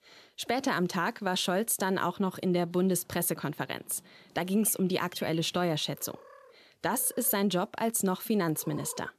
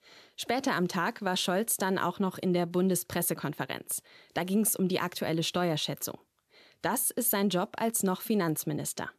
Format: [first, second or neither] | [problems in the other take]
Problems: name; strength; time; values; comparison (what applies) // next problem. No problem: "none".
second | animal sounds; faint; from 2.5 s on; 25 dB below the speech